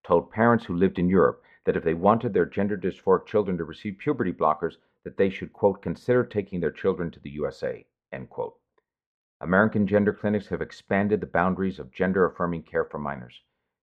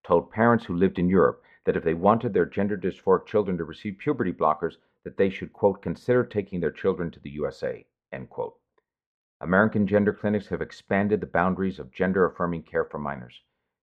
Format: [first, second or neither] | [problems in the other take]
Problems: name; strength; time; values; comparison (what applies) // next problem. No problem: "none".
neither | muffled; very; fading above 3.5 kHz; the same in both